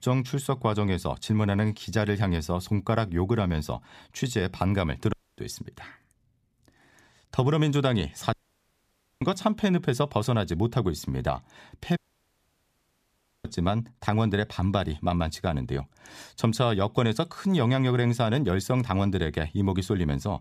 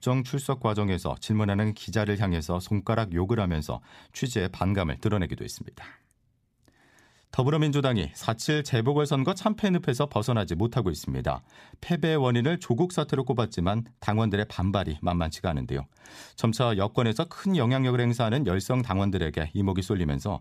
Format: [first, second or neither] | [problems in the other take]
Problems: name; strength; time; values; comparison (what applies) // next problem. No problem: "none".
second | audio cutting out; at 5 s, at 8.5 s for 1 s and at 12 s for 1.5 s